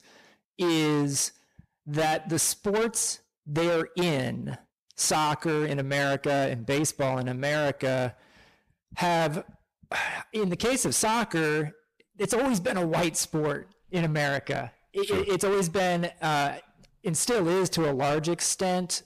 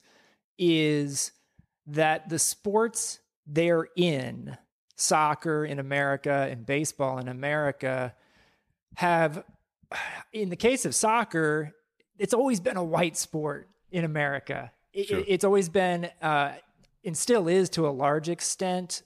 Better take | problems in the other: second | distortion; heavy; 21% of the sound clipped

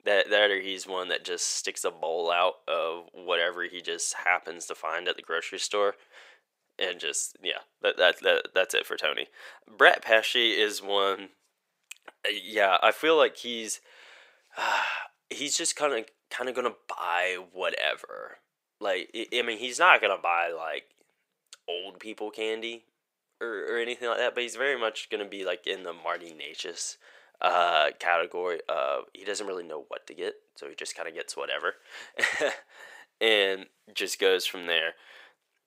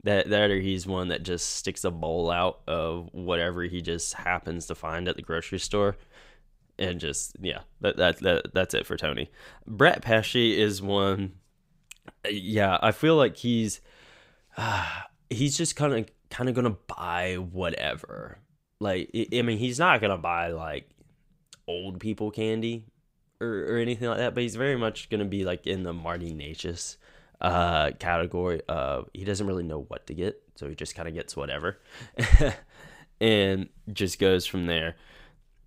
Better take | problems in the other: second | thin; very; fading below 450 Hz

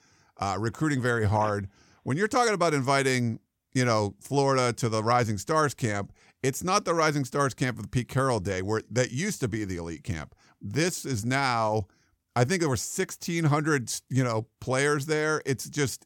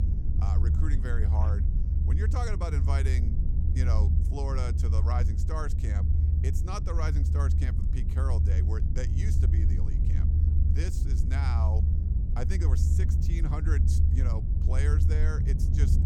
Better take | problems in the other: first | low rumble; loud; throughout; 3 dB below the speech

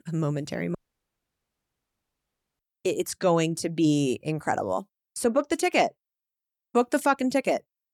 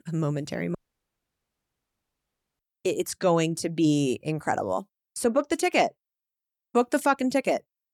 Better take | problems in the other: neither | audio cutting out; at 1 s for 2 s; the same in both

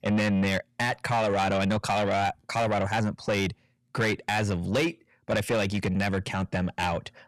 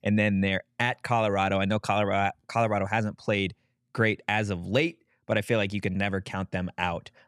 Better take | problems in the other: second | distortion; heavy; 7 dB below the speech

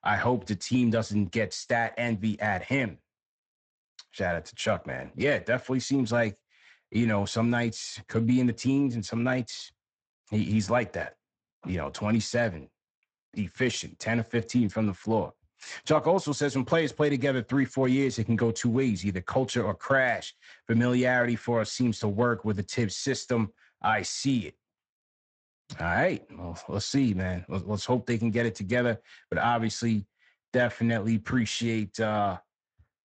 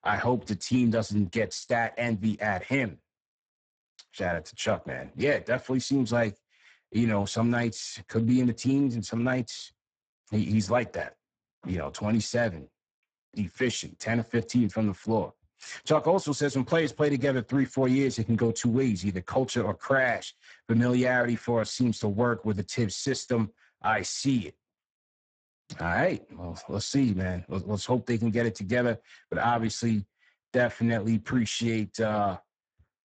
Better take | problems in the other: first | garbled, watery; badly; nothing above 8 kHz; slightly in the first

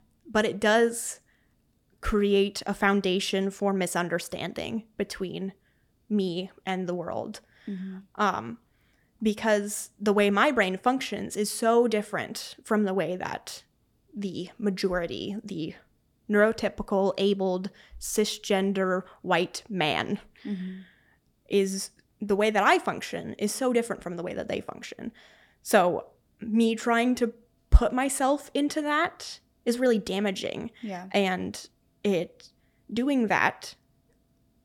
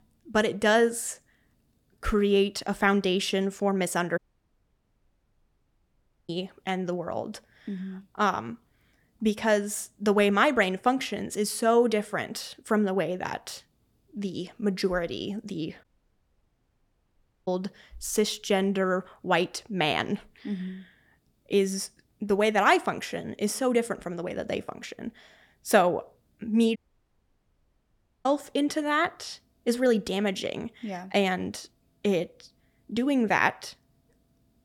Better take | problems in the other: first | audio cutting out; at 4 s for 2 s, at 16 s for 1.5 s and at 27 s for 1.5 s

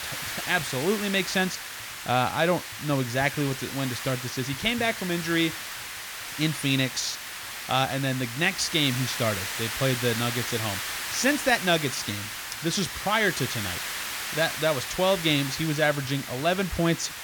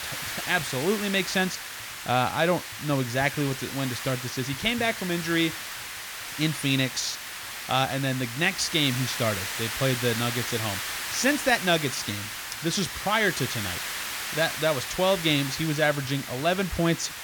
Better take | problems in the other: neither | hiss; loud; throughout; 6 dB below the speech; the same in both

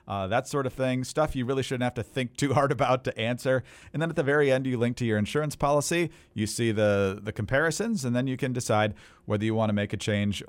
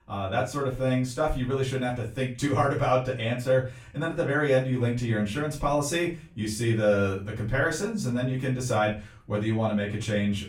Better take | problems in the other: first | off-mic speech; far // room echo; slight; dies away in 0.3 s

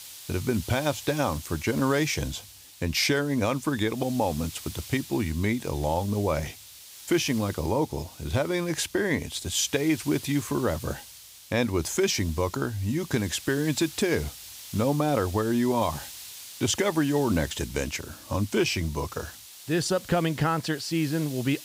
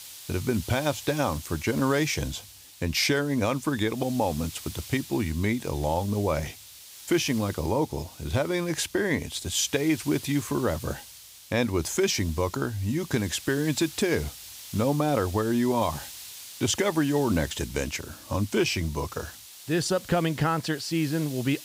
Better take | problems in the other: neither | hiss; noticeable; throughout; 15 dB below the speech; the same in both

